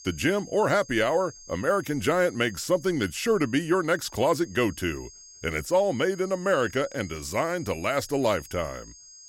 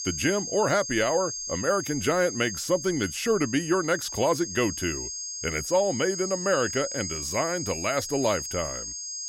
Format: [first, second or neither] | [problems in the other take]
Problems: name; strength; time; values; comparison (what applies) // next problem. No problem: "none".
first | high-pitched whine; loud; throughout; 6.5 kHz, 6 dB below the speech; faint in the first